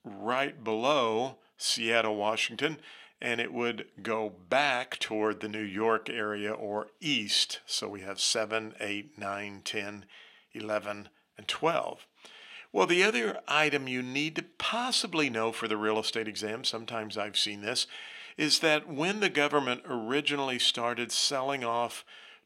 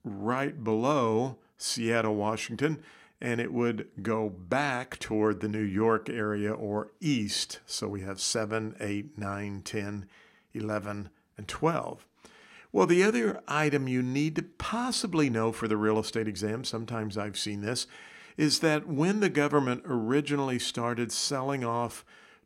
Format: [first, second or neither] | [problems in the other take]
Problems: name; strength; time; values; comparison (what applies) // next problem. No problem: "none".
second | thin; somewhat; fading below 450 Hz